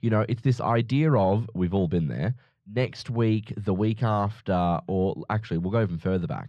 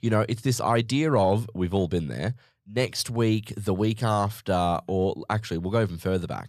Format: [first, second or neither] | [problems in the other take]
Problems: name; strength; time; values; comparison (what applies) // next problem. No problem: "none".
second | muffled; slightly; fading above 3 kHz